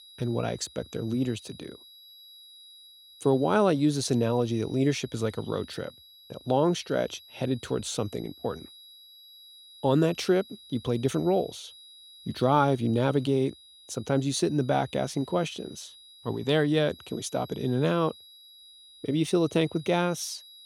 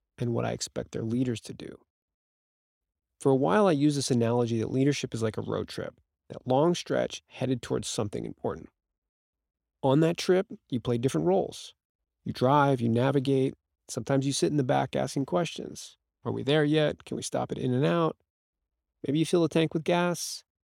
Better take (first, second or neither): second